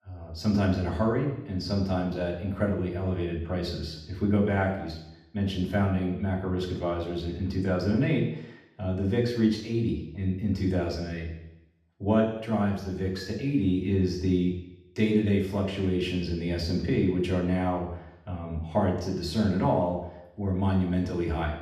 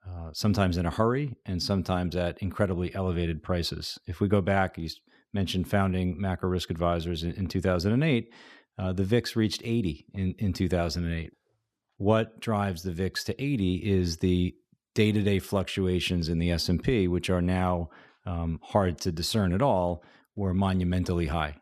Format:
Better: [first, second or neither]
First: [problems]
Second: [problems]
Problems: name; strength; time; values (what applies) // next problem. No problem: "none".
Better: second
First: room echo; noticeable; dies away in 0.8 s // off-mic speech; far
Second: none